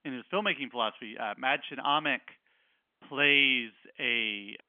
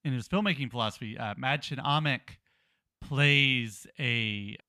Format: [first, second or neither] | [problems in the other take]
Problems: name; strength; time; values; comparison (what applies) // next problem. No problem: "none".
second | phone-call audio; nothing above 3.5 kHz